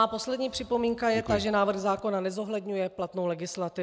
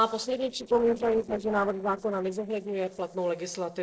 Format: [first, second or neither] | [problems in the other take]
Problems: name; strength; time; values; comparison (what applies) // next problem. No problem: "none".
first | noise reduction (neural separator model SepFormer DNS4)